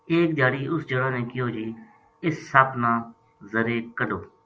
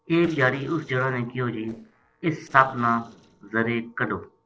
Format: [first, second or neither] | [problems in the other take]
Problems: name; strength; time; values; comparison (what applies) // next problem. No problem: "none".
first | noise reduction (neural separator model SepFormer DNS4)